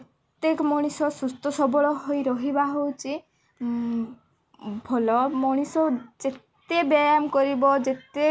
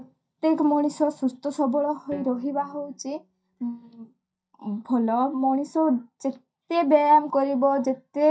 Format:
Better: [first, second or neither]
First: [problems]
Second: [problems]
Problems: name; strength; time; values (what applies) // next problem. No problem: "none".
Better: first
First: none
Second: noise reduction (neural mask model DeepFilterNet 3)